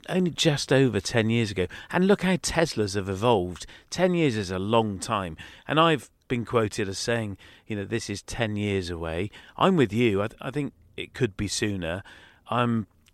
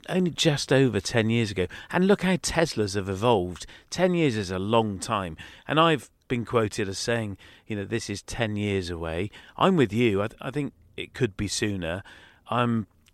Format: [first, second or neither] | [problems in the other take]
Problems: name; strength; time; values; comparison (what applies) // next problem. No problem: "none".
neither | none